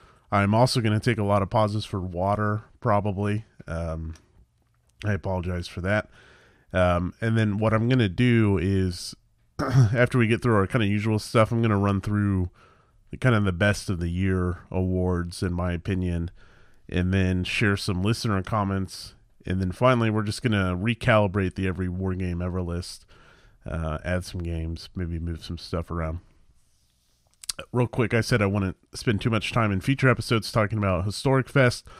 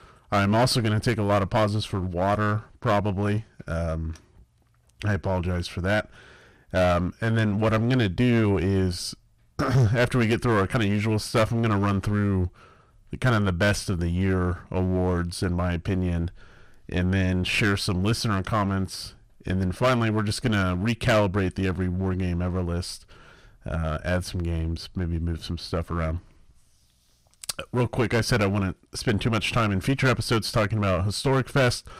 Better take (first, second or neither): first